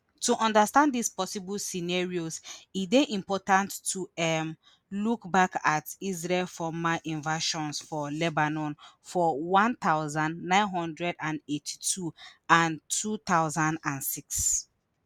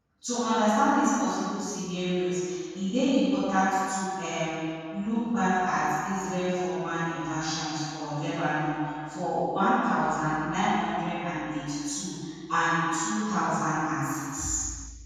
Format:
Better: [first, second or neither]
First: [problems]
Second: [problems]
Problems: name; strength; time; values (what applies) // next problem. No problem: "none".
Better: first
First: none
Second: room echo; dies away in 2.1 s